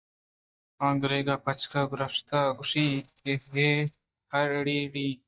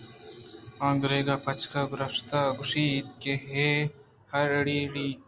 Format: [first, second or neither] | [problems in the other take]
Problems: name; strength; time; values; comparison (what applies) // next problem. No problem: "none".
second | noise reduction (neural mask model DeepFilterNet 3)